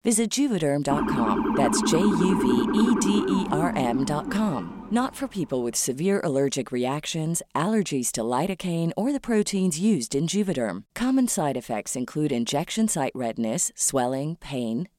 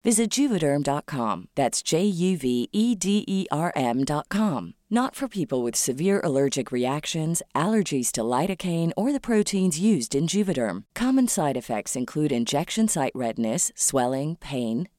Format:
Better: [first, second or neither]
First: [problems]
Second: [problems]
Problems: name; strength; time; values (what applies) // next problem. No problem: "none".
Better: second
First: siren; loud; from 1 to 5 s; peak 1 dB above the speech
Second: none